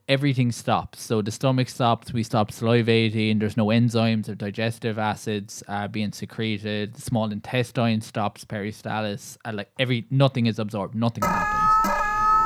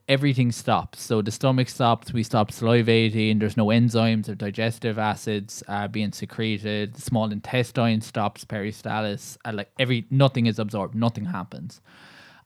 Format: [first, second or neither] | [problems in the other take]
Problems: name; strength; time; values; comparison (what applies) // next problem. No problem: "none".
second | alarm; loud; from 11 s on; peak 6 dB above the speech